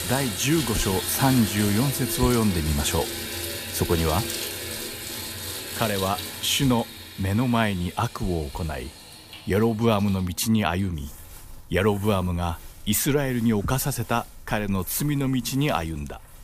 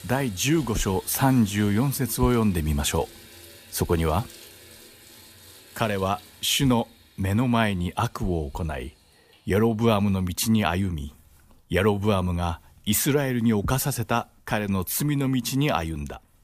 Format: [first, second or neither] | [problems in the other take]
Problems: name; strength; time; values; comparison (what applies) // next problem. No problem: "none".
second | household noises; loud; throughout; 7 dB below the speech; faint in the second